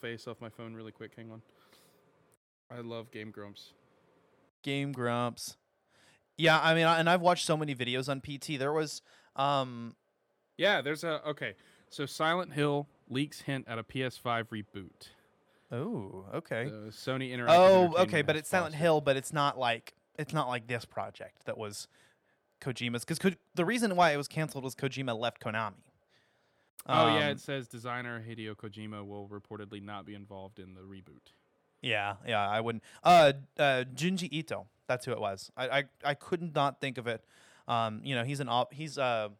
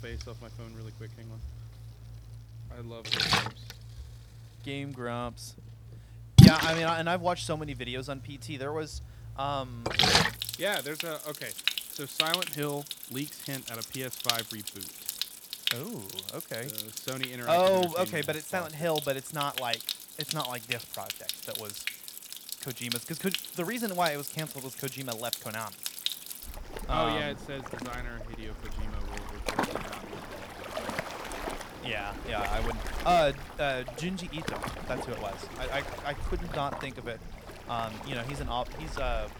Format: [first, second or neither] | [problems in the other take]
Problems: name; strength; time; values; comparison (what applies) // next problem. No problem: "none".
first | rain or running water; very loud; throughout; 2 dB above the speech